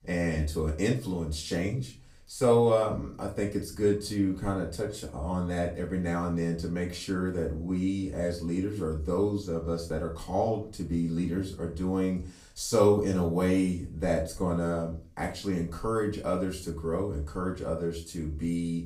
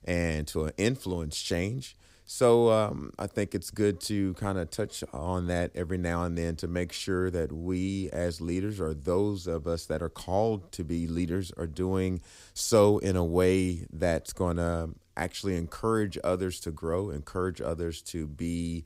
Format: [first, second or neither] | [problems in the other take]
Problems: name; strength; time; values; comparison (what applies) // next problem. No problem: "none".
second | room echo; slight; dies away in 0.3 s // off-mic speech; far